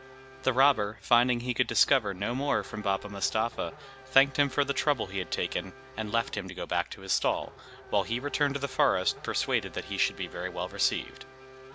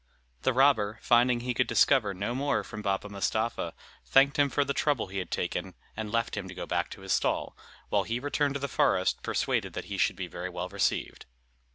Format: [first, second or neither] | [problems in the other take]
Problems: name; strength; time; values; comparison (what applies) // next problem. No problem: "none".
second | background sound (Race car, auto racing / Accelerating, revving, vroom); 19 dB below the speech